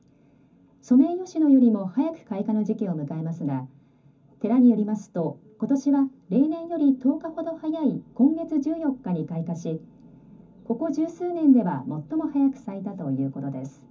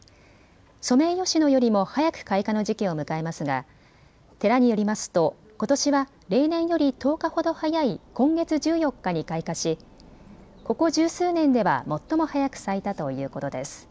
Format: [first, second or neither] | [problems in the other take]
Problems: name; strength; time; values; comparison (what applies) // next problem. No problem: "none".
second | room echo; dies away in 0.3 s